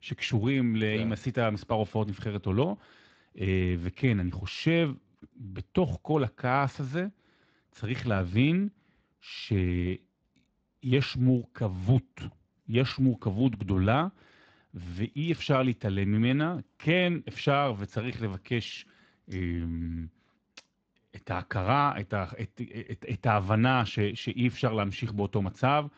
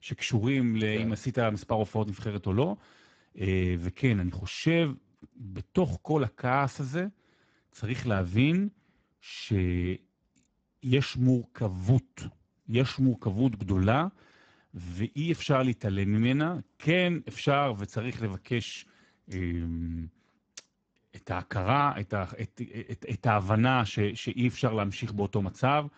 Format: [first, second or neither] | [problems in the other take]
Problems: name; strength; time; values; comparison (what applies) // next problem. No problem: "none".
first | garbled, watery; badly; nothing above 7.5 kHz; slightly in the first